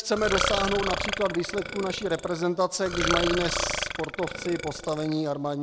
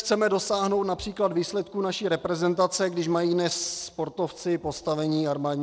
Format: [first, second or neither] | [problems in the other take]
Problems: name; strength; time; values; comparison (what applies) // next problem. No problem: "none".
second | background sound (Burping, eructation); 3 dB below the speech